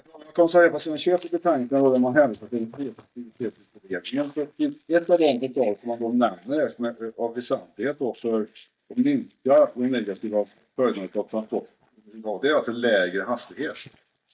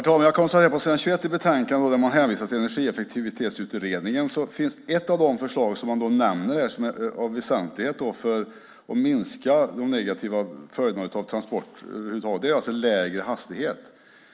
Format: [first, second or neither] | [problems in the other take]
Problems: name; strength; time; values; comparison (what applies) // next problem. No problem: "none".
second | noise reduction (neural mask model DeepFilterNet 3)